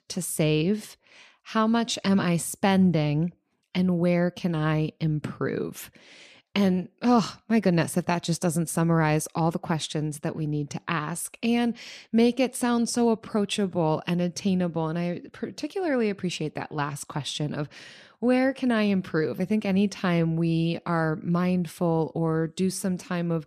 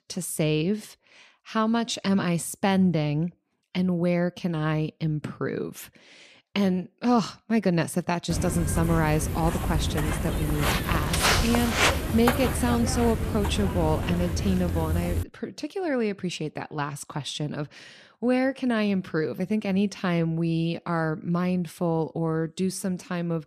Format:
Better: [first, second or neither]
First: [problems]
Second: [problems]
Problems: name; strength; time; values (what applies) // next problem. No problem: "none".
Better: first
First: none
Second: footsteps; loud; from 8.5 to 15 s; peak 5 dB above the speech